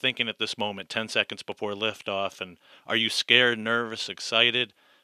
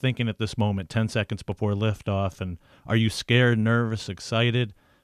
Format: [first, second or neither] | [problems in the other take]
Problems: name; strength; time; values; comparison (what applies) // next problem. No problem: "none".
second | thin; somewhat; fading below 350 Hz